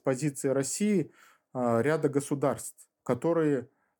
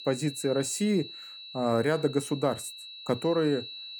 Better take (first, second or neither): first